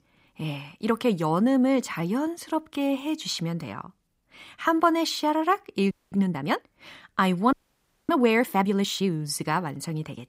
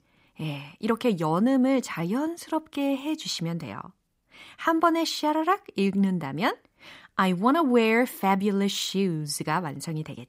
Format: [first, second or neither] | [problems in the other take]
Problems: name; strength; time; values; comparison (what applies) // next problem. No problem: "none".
second | audio freezing; at 6 s and at 7.5 s for 0.5 s